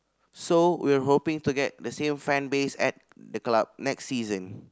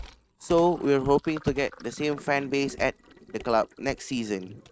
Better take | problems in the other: first | noise reduction (neural mask model RNNoise)

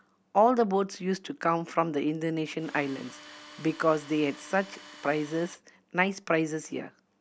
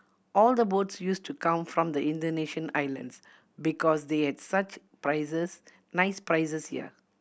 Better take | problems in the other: second | background sound (Tools); 19 dB below the speech

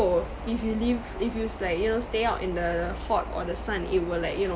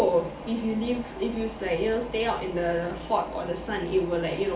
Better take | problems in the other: first | room echo; dies away in 0.4 s

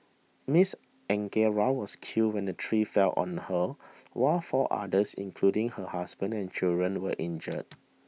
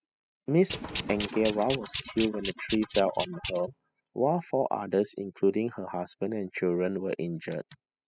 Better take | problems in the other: first | noise reduction (classical method spectral subtraction)

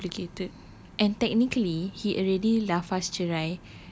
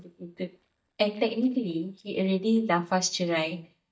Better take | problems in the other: first | noise reduction (neural mask model DeepFilterNet 3)

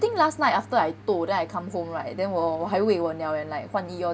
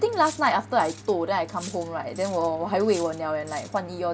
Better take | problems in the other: first | background sound (Cutlery, silverware); 20 dB below the speech

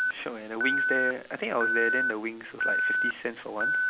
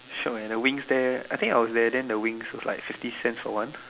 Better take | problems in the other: second | background sound (Alarm); 4 dB above the speech

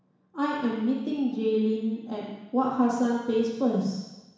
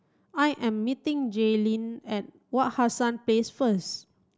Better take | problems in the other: second | room echo; dies away in 1.1 s

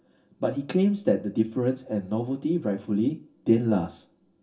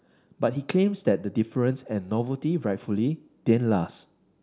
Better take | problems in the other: second | room echo; dies away in 0.2 s

